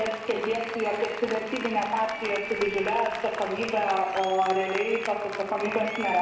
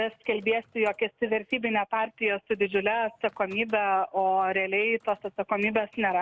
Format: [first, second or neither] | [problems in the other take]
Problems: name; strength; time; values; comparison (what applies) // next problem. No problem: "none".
second | background sound (Applause); 10 dB below the speech // room echo; dies away in 1 s